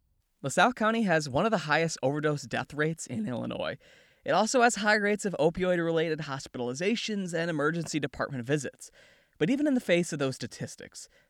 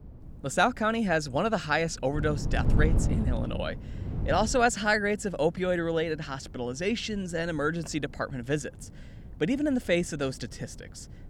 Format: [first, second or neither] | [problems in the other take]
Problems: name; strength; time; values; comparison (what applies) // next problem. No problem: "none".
first | wind noise on the microphone; occasional gusts; 15 dB below the speech